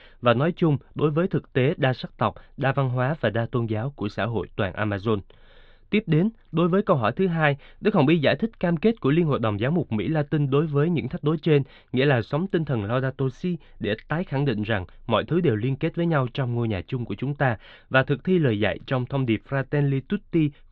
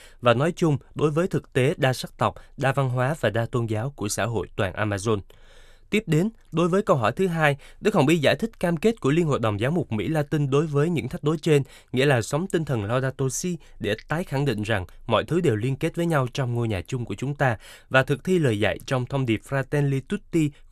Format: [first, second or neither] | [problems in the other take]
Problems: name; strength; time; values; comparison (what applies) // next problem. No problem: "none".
second | muffled; slightly; fading above 3.5 kHz